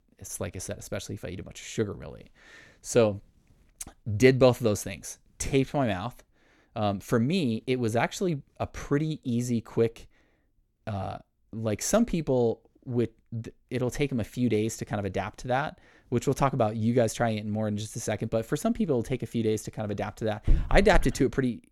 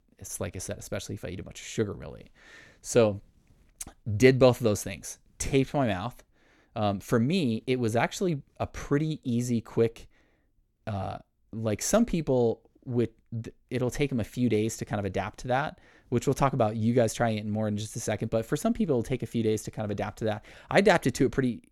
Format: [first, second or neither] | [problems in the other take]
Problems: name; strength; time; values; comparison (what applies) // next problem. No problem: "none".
second | dog barking; noticeable; at 20 s; peak 1 dB below the speech